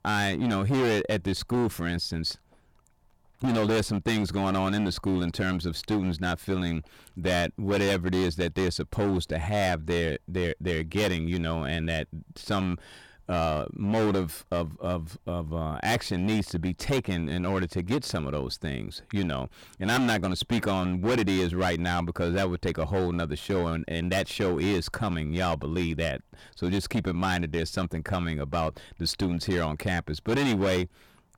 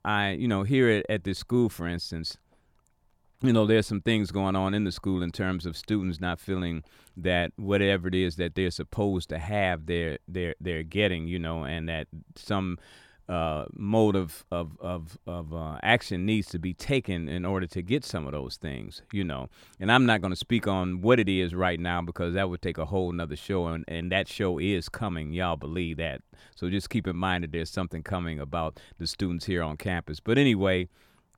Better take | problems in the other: second | distortion; heavy; 13% of the sound clipped

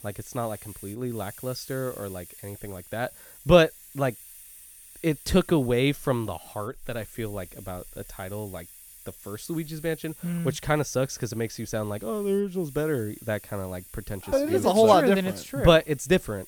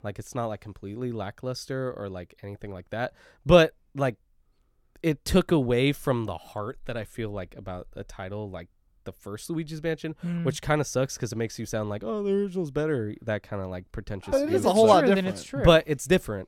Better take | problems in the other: second | hiss; noticeable; throughout; 20 dB below the speech

